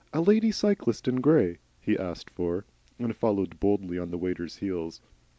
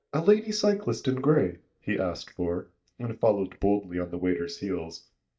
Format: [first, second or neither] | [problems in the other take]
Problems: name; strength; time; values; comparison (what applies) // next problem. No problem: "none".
first | noise reduction (neural mask model DeepFilterNet 3)